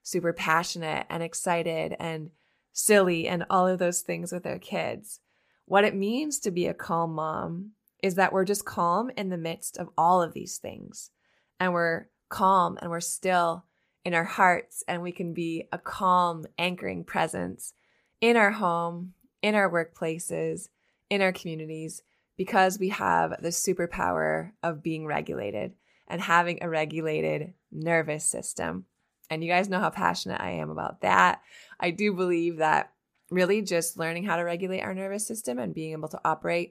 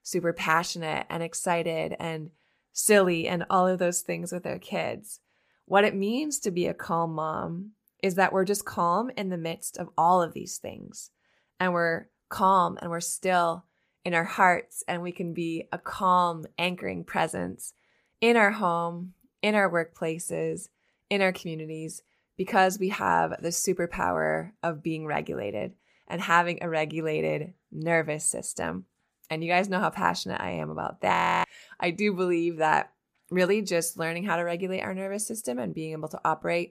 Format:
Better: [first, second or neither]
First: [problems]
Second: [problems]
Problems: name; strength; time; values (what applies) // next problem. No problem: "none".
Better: first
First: none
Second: audio freezing; at 31 s